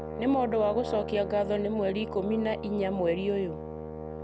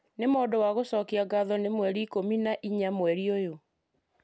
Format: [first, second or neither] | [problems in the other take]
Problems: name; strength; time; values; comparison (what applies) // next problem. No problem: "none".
second | background sound (Brass instrument); 8 dB below the speech